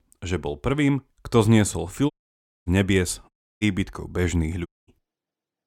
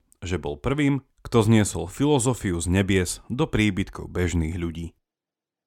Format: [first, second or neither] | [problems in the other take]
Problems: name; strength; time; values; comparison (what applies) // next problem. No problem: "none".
second | audio cutting out; at 2 s for 0.5 s, at 3.5 s and at 4.5 s